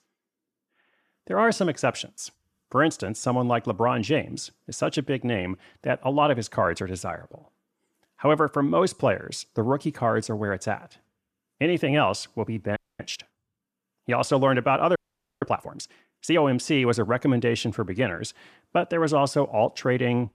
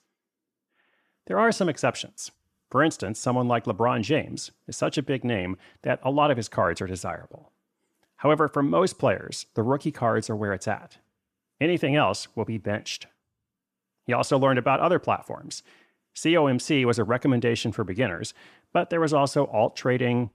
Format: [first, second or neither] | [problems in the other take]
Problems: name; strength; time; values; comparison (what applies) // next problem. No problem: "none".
second | audio freezing; at 13 s and at 15 s